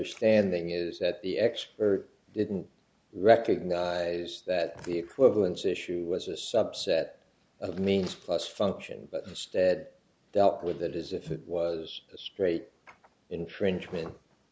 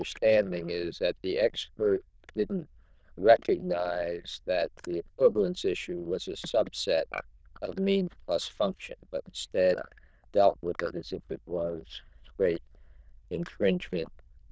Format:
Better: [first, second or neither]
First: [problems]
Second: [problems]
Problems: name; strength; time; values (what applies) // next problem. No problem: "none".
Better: first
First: none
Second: noise reduction (neural diffusion model UNIVERSE++)